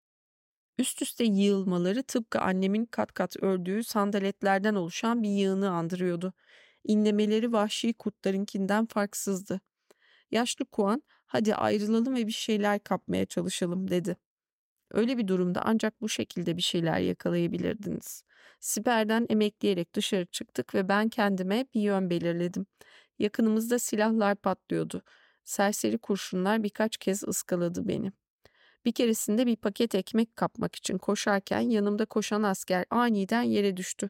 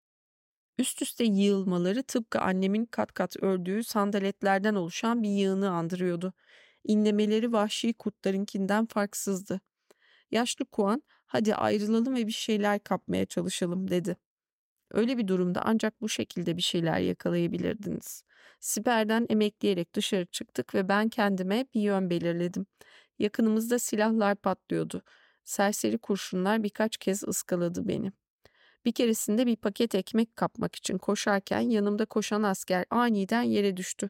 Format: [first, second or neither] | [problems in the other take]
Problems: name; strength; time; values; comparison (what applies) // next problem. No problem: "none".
neither | none